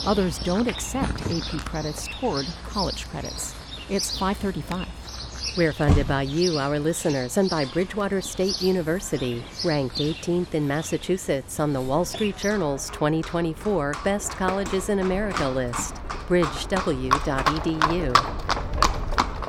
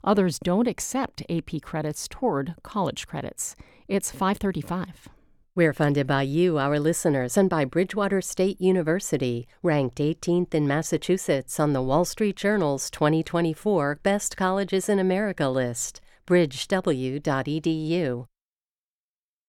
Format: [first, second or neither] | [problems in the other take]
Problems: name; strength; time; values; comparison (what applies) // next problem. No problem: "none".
second | animal sounds; loud; throughout; 4 dB below the speech